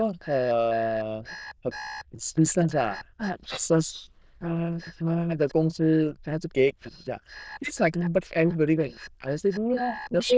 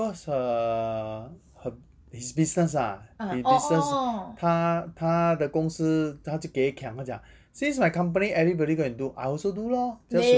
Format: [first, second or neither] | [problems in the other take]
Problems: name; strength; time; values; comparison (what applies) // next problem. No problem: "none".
second | noise reduction (neural diffusion model UNIVERSE++)